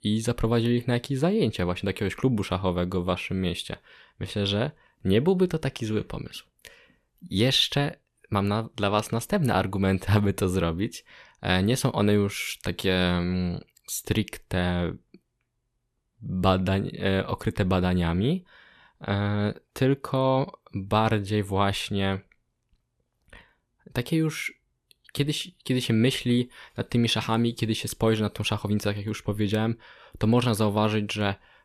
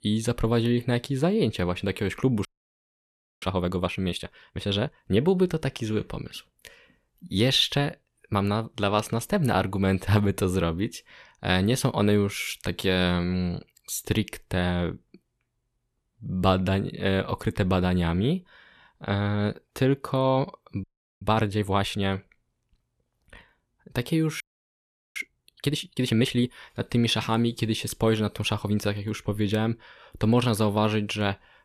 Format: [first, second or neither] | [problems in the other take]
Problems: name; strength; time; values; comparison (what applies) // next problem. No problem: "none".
first | audio freezing; at 2.5 s for 1 s, at 21 s and at 24 s for 1 s